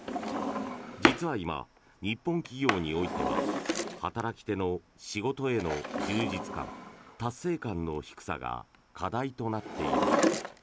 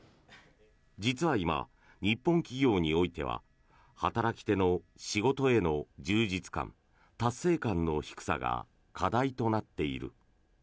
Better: second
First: background sound (Drawer open or close); 1 dB above the speech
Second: none

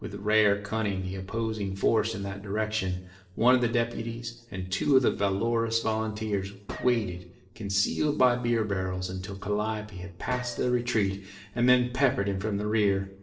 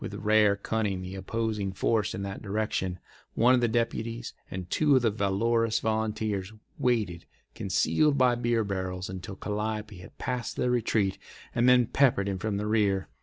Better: second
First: noise reduction (neural separator model SepFormer DNS4)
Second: none

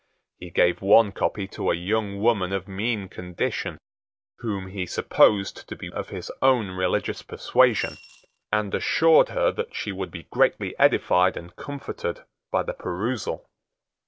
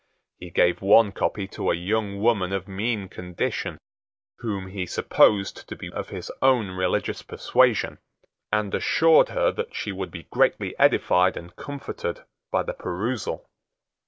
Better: second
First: background sound (Coin (dropping) / Glass); 17 dB below the speech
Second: none

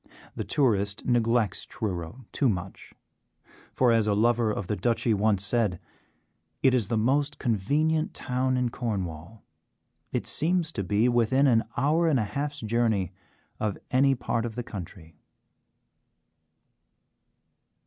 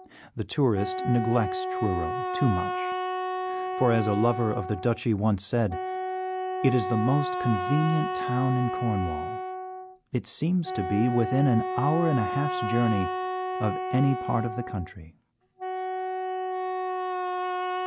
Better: first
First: none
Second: background sound (Wind instrument, woodwind instrument); 3 dB below the speech

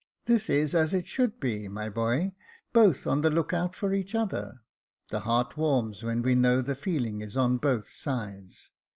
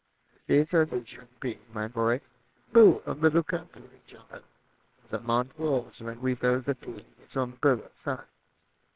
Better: first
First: none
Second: noise reduction (neural separator model SepFormer WHAMR!)

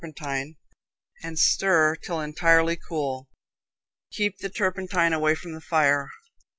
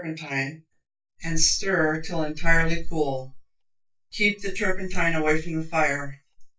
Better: first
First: none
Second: noise reduction (neural mask model DeepFilterNet 3)

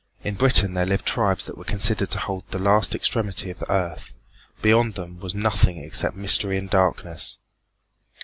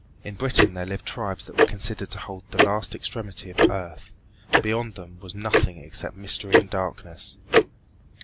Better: first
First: none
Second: background sound (Tick-tock); 4 dB above the speech

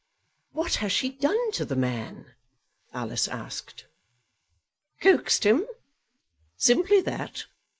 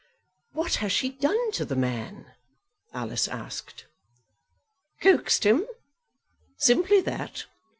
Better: second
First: noise reduction (neural mask model Resemble Enhance denoiser)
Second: none

